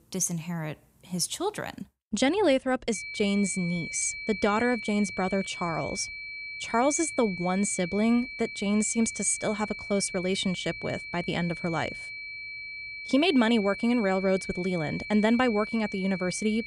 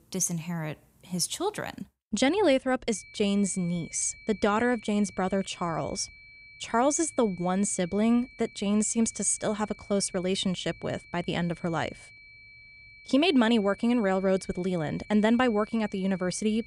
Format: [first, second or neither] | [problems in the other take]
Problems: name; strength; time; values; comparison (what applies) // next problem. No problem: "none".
second | high-pitched whine; loud; from 3 s on; 2.5 kHz, 9 dB below the speech; faint in the second